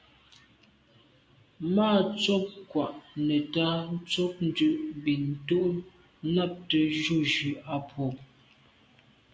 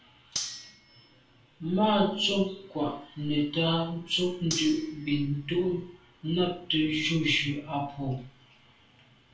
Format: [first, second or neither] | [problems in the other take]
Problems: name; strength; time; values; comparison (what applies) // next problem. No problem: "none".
first | background sound (Cutlery, silverware); 11 dB below the speech // room echo; dies away in 0.3 s